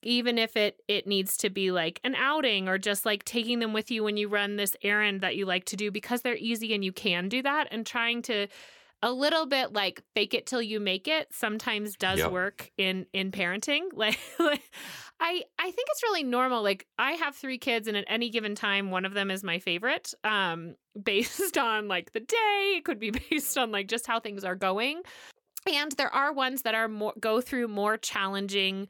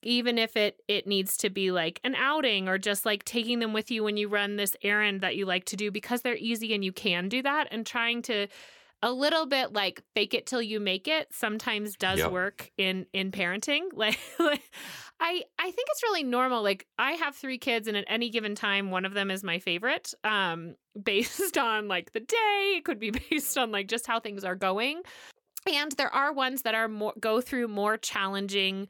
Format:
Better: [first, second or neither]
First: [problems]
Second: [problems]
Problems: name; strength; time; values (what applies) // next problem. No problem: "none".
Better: neither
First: none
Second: none